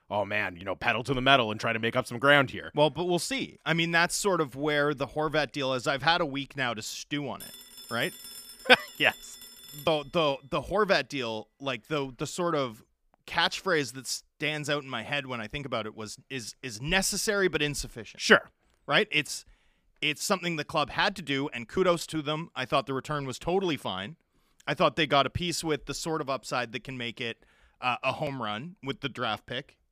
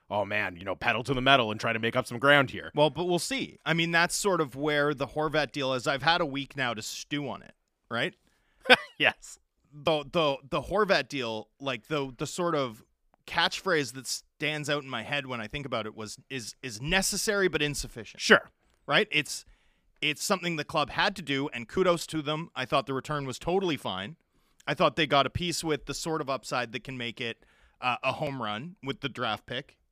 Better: second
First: phone ringing; faint; from 7.5 to 10 s; peak 15 dB below the speech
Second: none

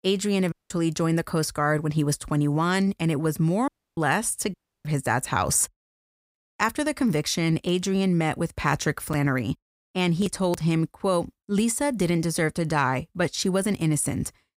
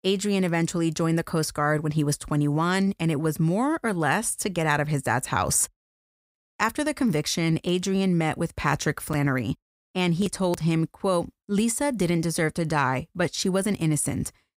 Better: second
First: audio cutting out; at 0.5 s, at 3.5 s and at 4.5 s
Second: none

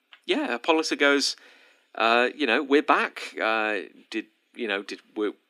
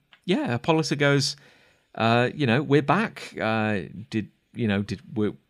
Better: second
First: thin; somewhat; fading below 250 Hz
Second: none

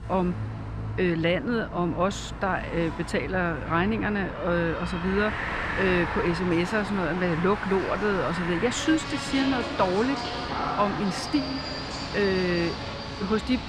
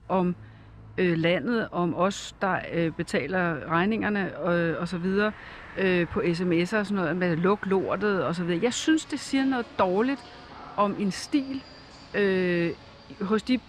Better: second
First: traffic noise; loud; throughout; 6 dB below the speech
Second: traffic noise; faint; throughout; 20 dB below the speech

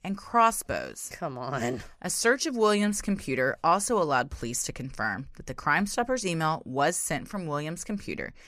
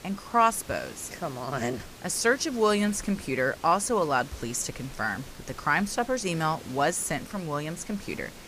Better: first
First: none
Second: hiss; noticeable; throughout; 15 dB below the speech

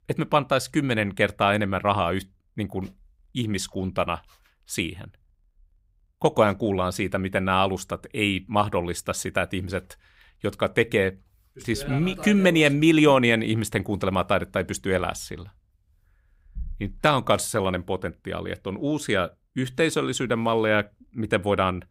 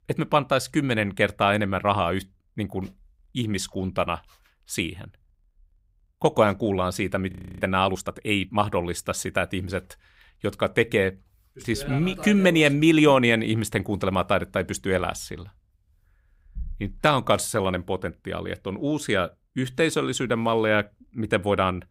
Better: first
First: none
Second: audio freezing; at 7.5 s

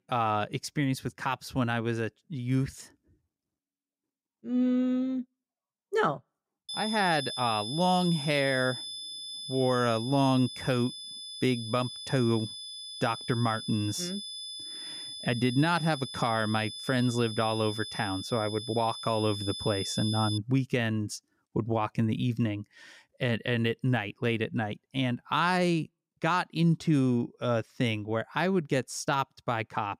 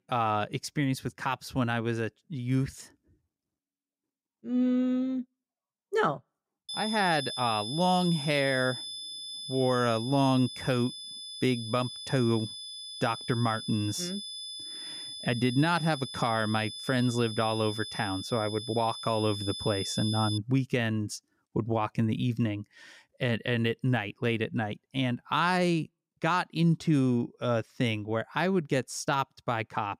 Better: neither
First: high-pitched whine; loud; from 6.5 to 20 s; 3.5 kHz, 8 dB below the speech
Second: high-pitched whine; loud; from 6.5 to 20 s; 3.5 kHz, 8 dB below the speech

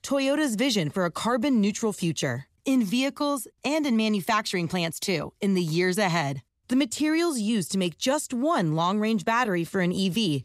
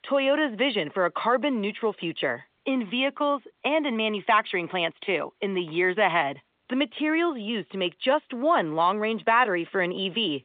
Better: first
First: none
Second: phone-call audio

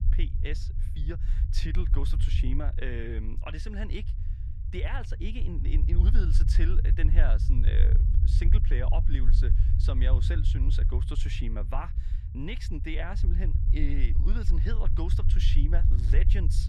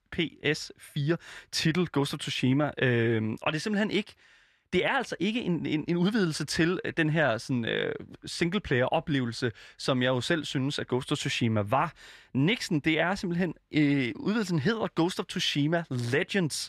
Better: second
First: low rumble; loud; throughout; 6 dB below the speech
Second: none

